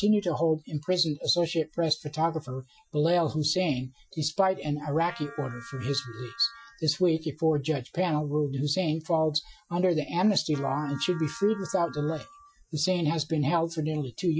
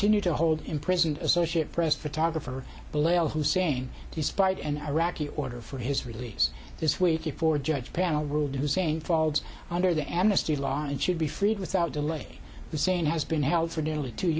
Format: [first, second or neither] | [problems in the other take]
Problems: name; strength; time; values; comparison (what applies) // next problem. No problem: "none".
second | noise reduction (classical method Wiener filter)